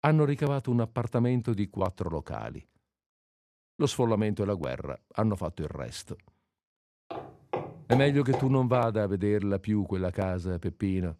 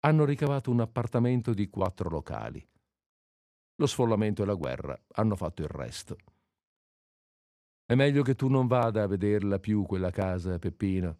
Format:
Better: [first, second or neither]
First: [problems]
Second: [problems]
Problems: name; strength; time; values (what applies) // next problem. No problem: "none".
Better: second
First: footsteps; noticeable; from 7 to 9 s; peak 4 dB below the speech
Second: none